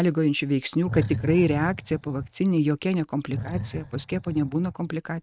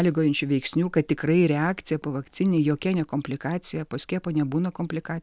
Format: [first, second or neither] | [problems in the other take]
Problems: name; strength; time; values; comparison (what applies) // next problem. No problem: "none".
second | noise reduction (neural mask model RNNoise)